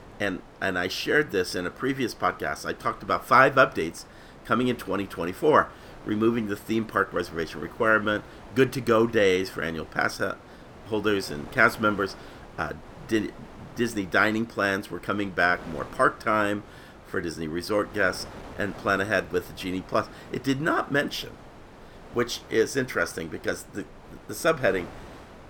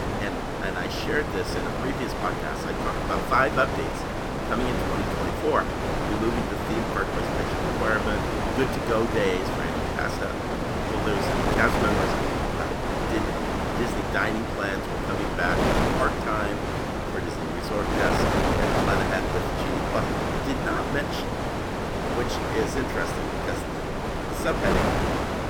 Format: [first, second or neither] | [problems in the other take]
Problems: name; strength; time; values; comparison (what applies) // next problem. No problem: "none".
first | wind noise on the microphone; heavy; 1 dB above the speech; occasional gusts in the first